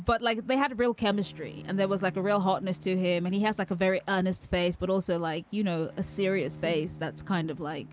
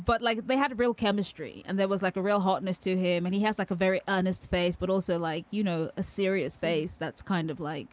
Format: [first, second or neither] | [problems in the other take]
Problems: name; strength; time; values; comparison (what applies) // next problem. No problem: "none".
second | background sound (Bowed string instrument); 19 dB below the speech